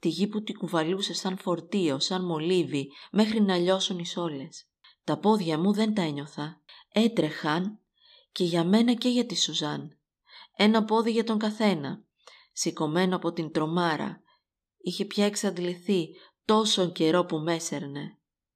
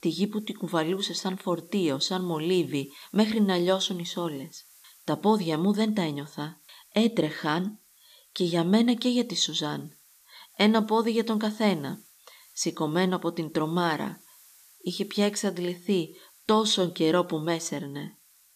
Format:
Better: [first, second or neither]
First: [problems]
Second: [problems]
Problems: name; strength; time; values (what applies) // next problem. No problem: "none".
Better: first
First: none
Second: hiss; faint; throughout; 25 dB below the speech